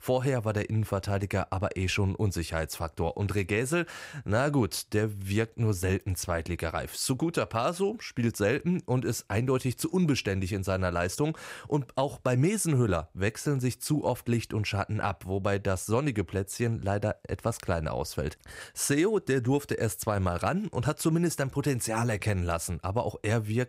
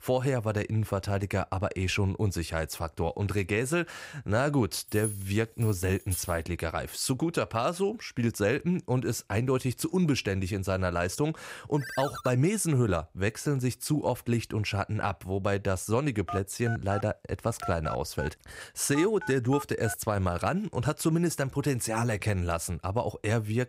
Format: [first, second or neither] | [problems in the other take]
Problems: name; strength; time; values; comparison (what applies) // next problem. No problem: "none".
first | jangling keys; noticeable; from 5 to 6.5 s; peak 8 dB below the speech // phone ringing; noticeable; at 12 s and from 16 to 20 s; peak 8 dB below the speech